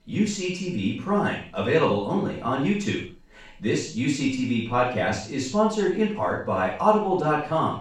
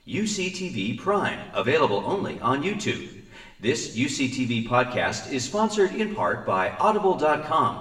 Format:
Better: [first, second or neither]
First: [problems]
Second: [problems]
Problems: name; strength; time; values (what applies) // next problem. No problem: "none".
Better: second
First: room echo; strong; dies away in 0.4 s // off-mic speech; far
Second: room echo; slight; dies away in 0.9 s // off-mic speech; far